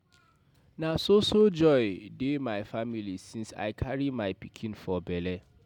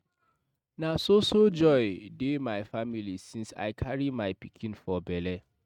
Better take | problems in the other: first | noise reduction (neural mask model RNNoise)

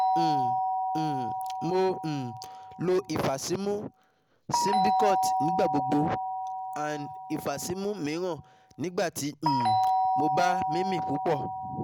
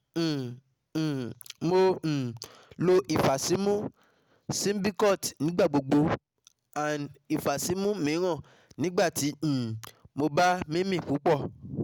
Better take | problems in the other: second | background sound (Doorbell); 1 dB above the speech

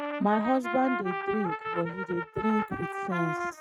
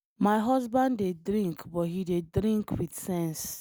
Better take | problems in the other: second | noise reduction (neural mask model RNNoise)

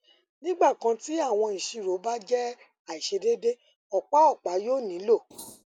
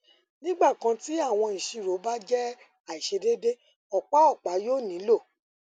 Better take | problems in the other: second | noise reduction (neural mask model Resemble Enhance denoiser)

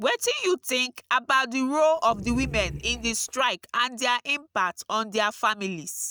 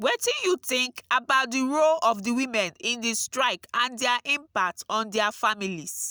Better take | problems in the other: second | noise reduction (neural mask model RNNoise)

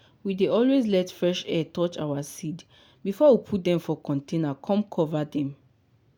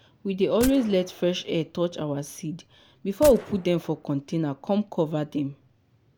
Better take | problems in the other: first | background sound (Gunshot, gunfire); 15 dB below the speech

